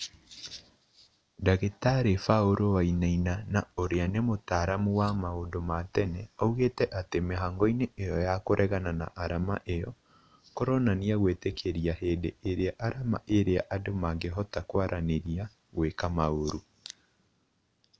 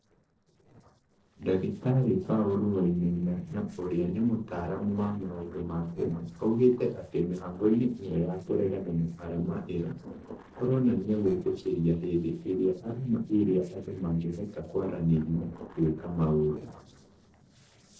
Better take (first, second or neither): first